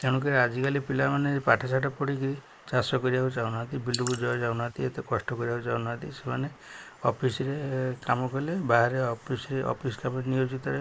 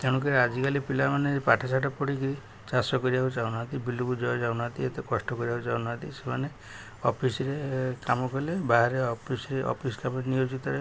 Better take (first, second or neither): second